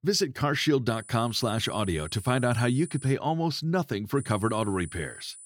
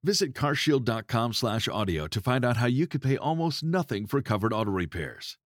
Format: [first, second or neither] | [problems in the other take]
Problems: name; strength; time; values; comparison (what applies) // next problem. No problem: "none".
second | high-pitched whine; noticeable; from 1 to 3 s and from 4 s on; 9.5 kHz, 15 dB below the speech